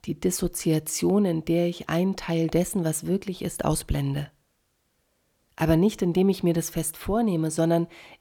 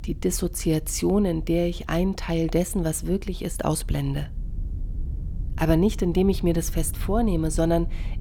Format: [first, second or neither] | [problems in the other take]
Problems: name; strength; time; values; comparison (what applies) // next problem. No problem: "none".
first | low rumble; faint; throughout; 25 dB below the speech